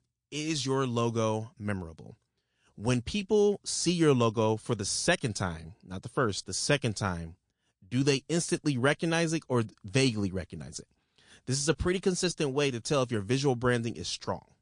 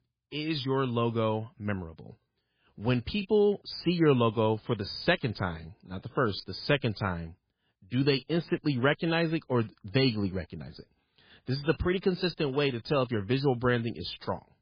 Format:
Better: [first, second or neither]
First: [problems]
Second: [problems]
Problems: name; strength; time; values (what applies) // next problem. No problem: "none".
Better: first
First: garbled, watery; slightly; nothing above 9 kHz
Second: garbled, watery; badly; nothing above 4.5 kHz